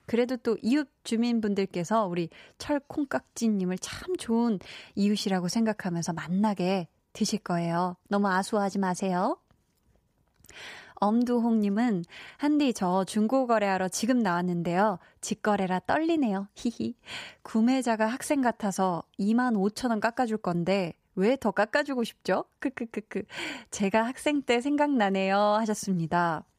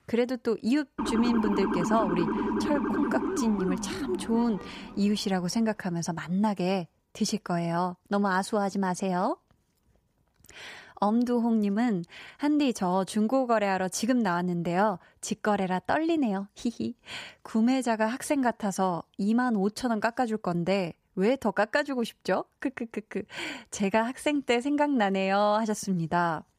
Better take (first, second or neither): first